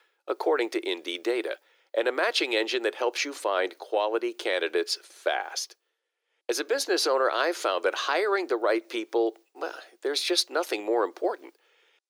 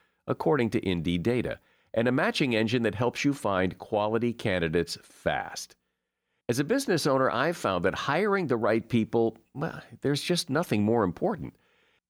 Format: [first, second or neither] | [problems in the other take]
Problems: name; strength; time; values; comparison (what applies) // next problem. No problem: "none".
second | thin; very; fading below 350 Hz